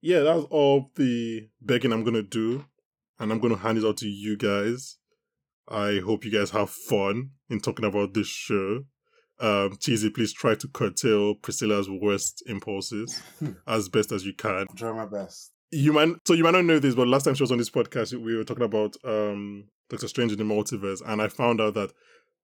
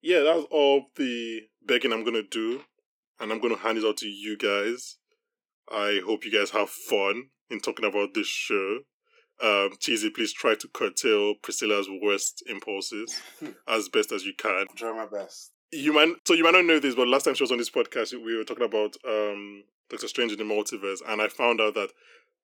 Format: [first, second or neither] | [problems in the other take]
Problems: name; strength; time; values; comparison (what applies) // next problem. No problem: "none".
first | thin; somewhat; fading below 300 Hz